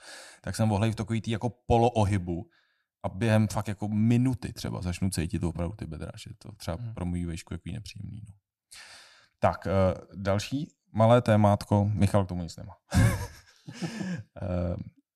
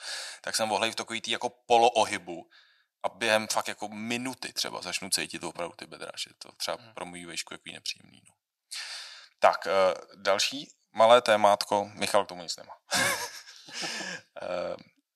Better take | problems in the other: first | thin; very; fading below 600 Hz

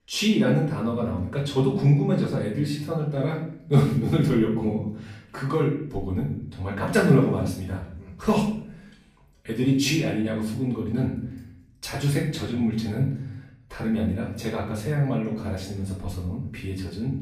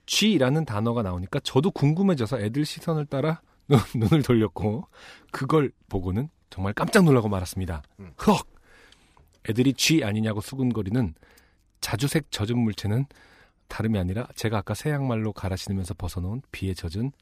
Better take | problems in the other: second | off-mic speech; far // room echo; noticeable; dies away in 0.6 s

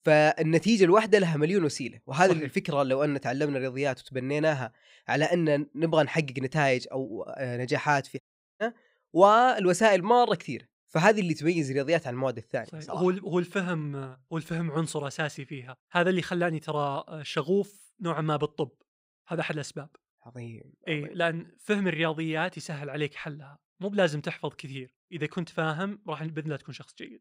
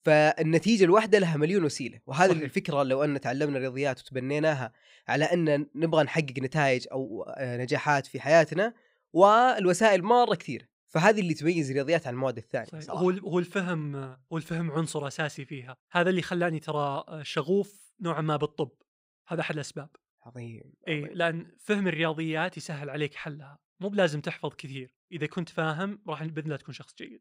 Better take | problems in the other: second | audio cutting out; at 8 s

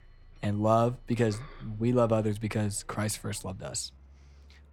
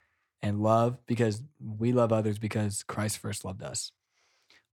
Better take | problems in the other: second | traffic noise; faint; throughout; 25 dB below the speech

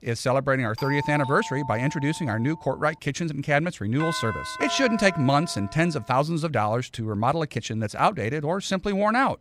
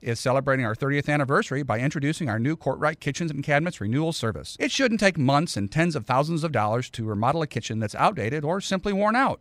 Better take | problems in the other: second | doorbell; noticeable; from 1 to 3 s and from 4 to 6 s; peak 6 dB below the speech

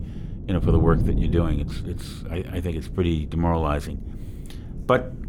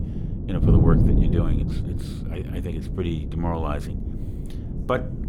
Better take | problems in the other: first | wind noise on the microphone; heavy; 3 dB below the speech; occasional gusts in the first

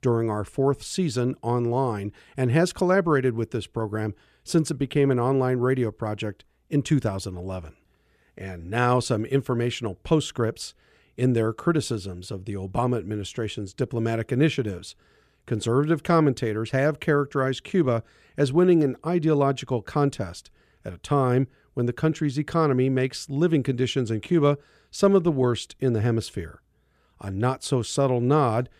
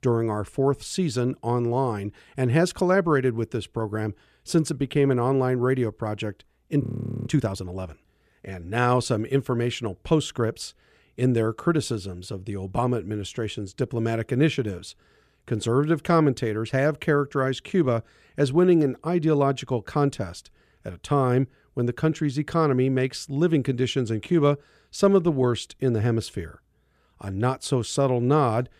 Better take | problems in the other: first | audio freezing; at 7 s

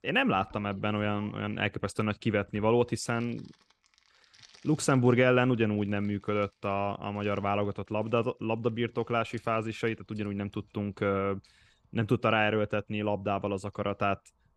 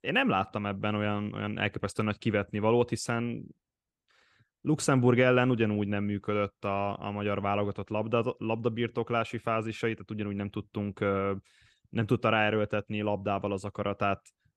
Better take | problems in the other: second | household noises; faint; throughout; 30 dB below the speech

